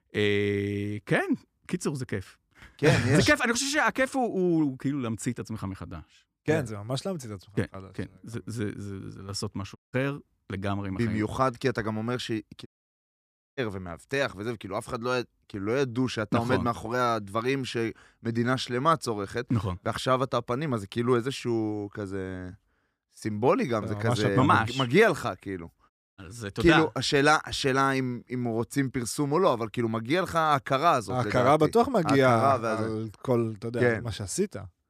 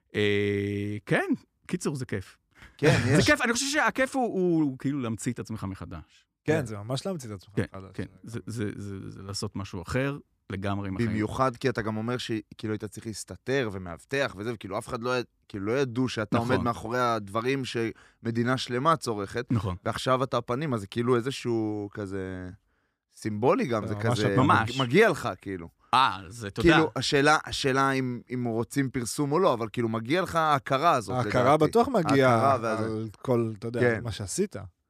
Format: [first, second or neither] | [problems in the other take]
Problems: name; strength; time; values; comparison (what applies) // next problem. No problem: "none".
second | audio cutting out; at 10 s, at 13 s for 1 s and at 26 s